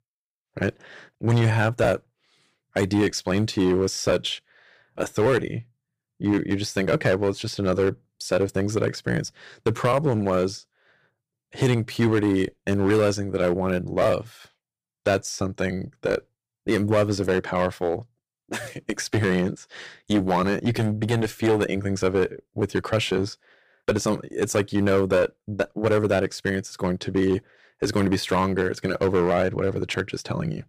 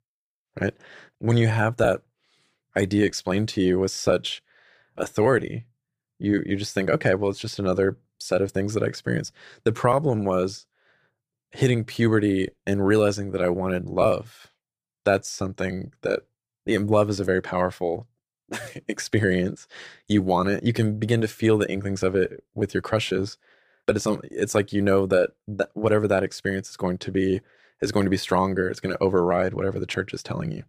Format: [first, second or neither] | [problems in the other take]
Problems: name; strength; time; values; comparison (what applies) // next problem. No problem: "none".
second | distortion; slight; 6% of the sound clipped